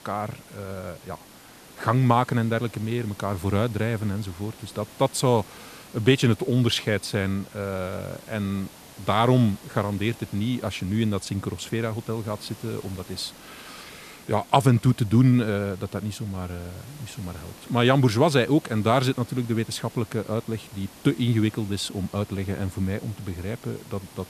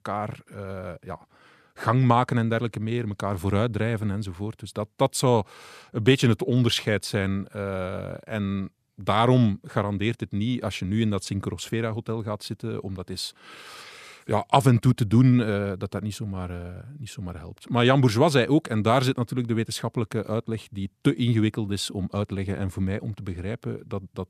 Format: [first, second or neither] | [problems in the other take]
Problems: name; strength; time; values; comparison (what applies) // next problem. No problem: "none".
second | hiss; faint; throughout; 20 dB below the speech